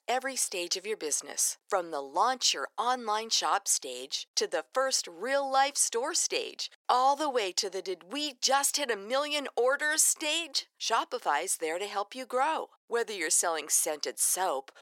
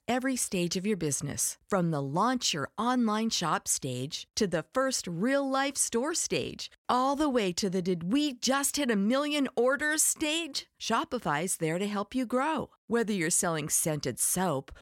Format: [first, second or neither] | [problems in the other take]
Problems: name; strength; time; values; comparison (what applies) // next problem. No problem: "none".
second | thin; very; fading below 400 Hz